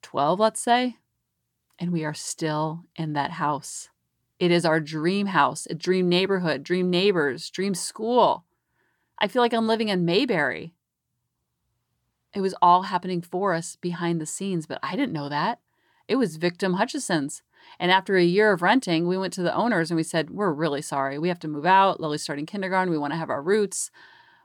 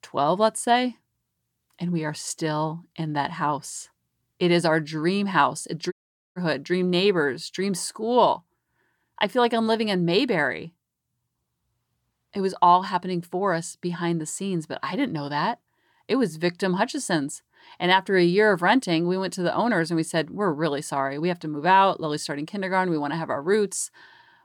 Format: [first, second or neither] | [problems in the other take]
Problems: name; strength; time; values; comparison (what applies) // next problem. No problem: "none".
first | audio cutting out; at 6 s